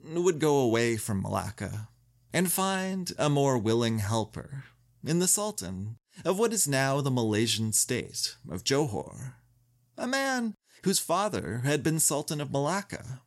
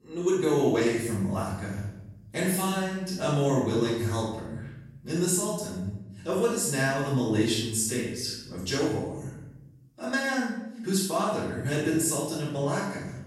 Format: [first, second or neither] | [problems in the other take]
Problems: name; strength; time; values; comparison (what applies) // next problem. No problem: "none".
first | room echo; noticeable; dies away in 0.8 s // off-mic speech; far